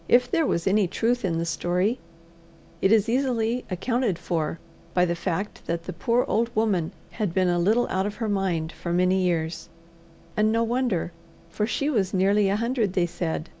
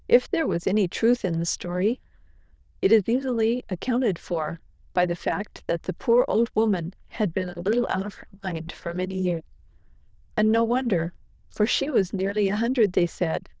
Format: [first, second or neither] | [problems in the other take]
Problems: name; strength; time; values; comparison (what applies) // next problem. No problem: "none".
first | noise reduction (neural diffusion model UNIVERSE++)